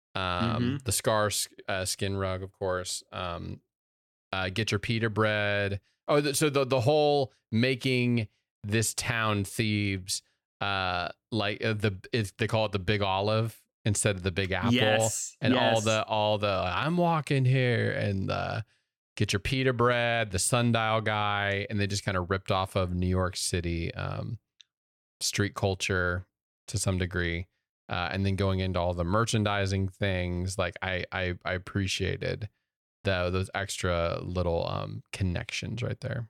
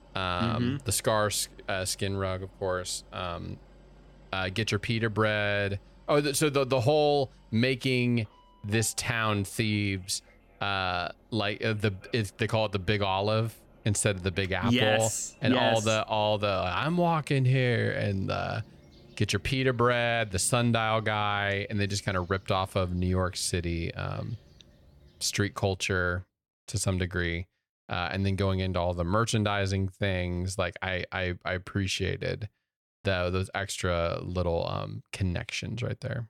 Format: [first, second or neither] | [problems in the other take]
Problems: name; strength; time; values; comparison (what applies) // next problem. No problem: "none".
first | train or aircraft noise; faint; until 26 s; 30 dB below the speech